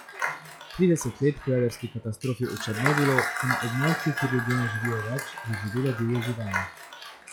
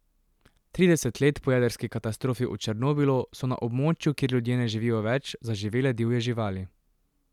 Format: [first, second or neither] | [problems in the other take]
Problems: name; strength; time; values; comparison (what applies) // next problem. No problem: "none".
second | noise reduction (classical method log-MMSE)